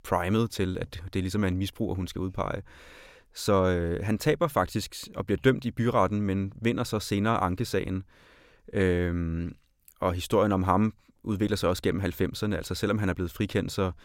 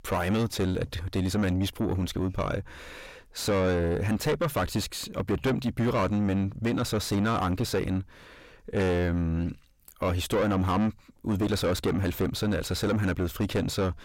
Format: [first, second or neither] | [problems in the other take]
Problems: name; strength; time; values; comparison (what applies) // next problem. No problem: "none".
first | distortion; heavy; 6 dB below the speech